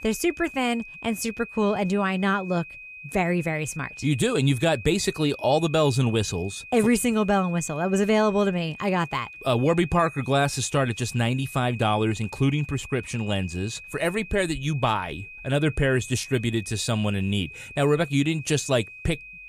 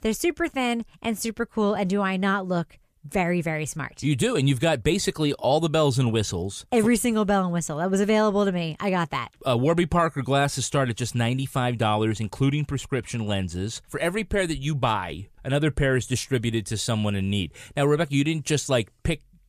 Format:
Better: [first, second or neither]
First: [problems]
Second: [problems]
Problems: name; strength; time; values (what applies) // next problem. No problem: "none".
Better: second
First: high-pitched whine; noticeable; throughout; 2.5 kHz, 15 dB below the speech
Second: none